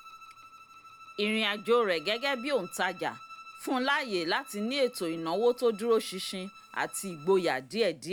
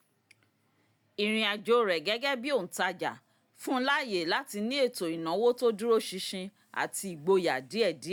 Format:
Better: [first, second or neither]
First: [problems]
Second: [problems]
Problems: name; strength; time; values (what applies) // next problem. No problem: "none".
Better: second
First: background sound (Bowed string instrument); 20 dB below the speech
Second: none